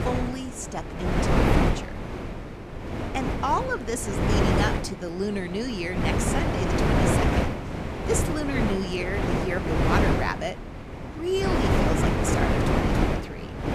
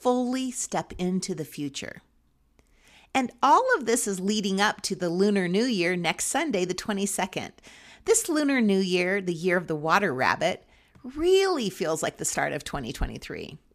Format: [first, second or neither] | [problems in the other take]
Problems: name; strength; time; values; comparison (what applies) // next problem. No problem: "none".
second | wind noise on the microphone; heavy; 2 dB above the speech